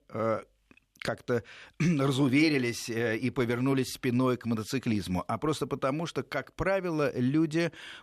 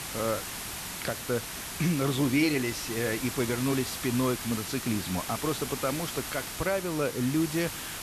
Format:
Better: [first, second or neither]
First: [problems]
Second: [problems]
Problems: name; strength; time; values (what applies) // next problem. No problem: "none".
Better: first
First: none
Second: hiss; loud; throughout; 5 dB below the speech